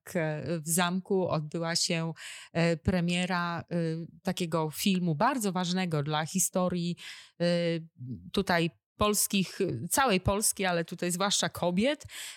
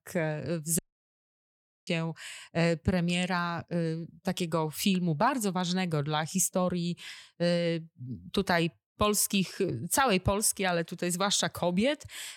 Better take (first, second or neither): first